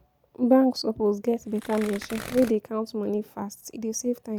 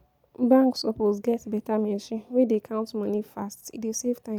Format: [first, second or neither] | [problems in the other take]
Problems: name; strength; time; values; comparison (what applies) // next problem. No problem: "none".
second | background sound (Tearing); 14 dB below the speech